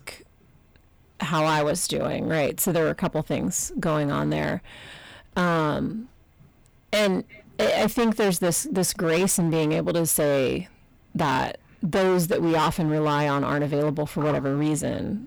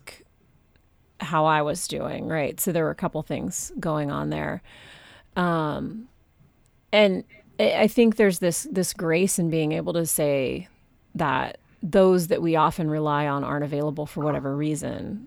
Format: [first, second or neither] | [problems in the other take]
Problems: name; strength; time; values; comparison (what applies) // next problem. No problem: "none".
second | distortion; heavy; 15% of the sound clipped